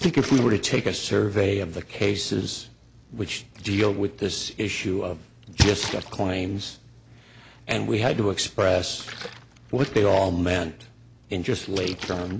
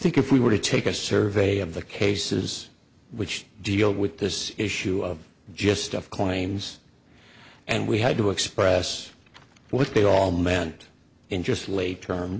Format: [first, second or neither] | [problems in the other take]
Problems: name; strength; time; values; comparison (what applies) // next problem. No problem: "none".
second | background sound (Splash, splatter); 11 dB below the speech